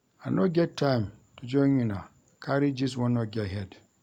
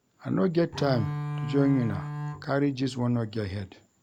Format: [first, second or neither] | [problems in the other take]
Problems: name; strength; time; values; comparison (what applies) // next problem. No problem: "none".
first | background sound (Bowed string instrument); 6 dB below the speech